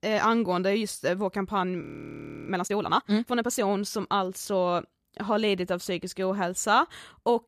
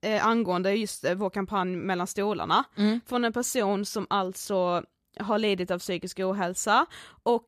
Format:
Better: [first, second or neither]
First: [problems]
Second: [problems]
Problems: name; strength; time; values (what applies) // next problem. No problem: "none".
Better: second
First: audio freezing; at 2 s for 0.5 s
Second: none